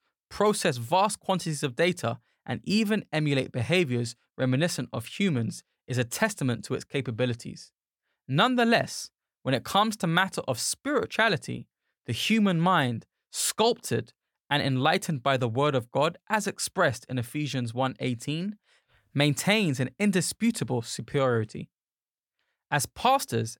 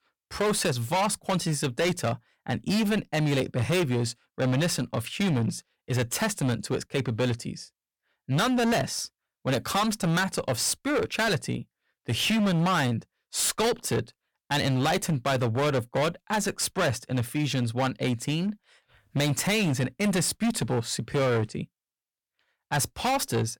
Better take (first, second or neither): first